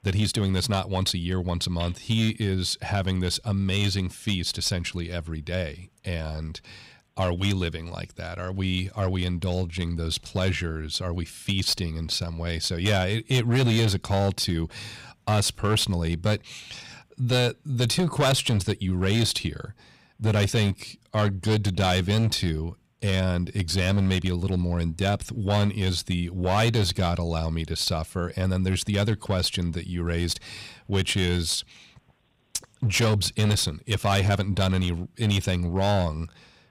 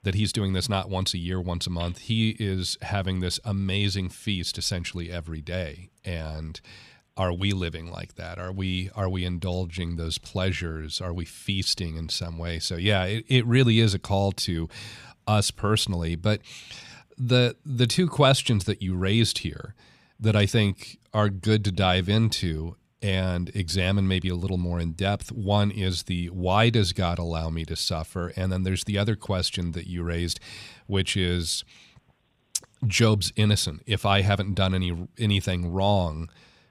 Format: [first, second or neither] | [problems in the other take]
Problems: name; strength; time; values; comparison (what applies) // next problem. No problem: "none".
second | distortion; slight; 6% of the sound clipped